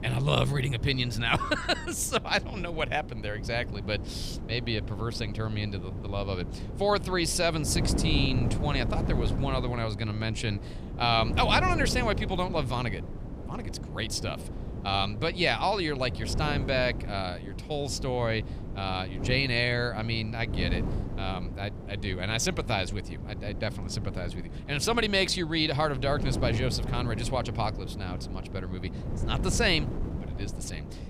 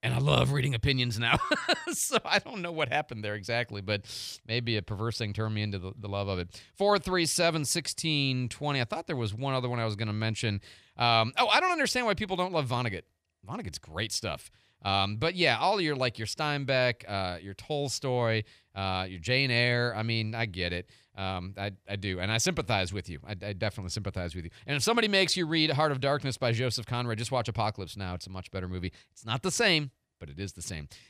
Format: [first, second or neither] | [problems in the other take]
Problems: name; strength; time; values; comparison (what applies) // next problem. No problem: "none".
second | wind noise on the microphone; occasional gusts; 15 dB below the speech